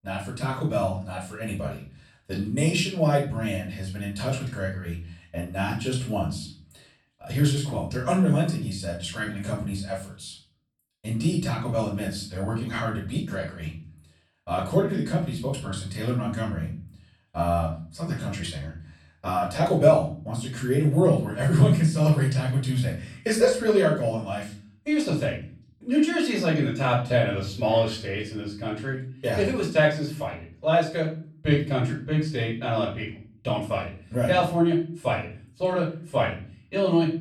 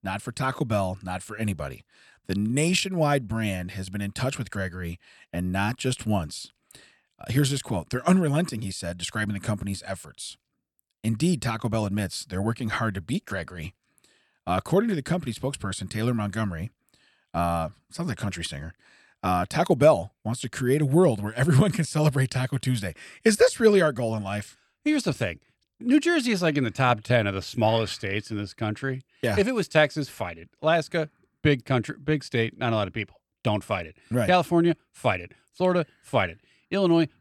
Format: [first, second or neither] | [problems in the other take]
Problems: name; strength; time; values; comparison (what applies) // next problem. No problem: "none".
second | off-mic speech; far // room echo; slight; dies away in 0.4 s